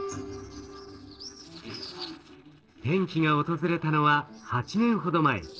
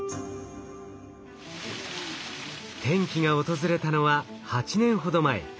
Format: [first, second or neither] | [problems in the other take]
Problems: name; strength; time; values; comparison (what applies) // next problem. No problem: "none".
second | noise reduction (neural separator model SepFormer DNS4)